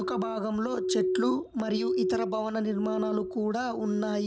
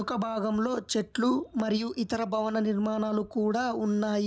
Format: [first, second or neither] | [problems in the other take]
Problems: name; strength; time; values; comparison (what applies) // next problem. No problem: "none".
second | background sound (Glass); 3 dB below the speech